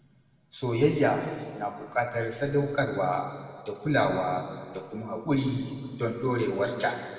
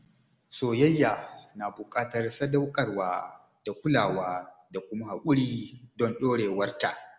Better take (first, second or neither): second